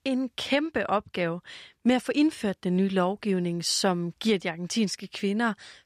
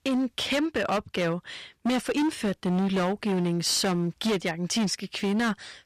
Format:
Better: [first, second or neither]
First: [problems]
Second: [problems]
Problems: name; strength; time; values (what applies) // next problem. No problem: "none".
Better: first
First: none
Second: distortion; heavy; 19% of the sound clipped